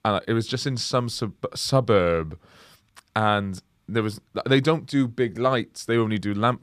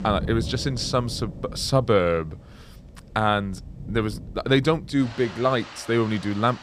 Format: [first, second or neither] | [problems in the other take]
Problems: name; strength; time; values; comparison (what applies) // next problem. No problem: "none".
first | rain or running water; noticeable; throughout; 15 dB below the speech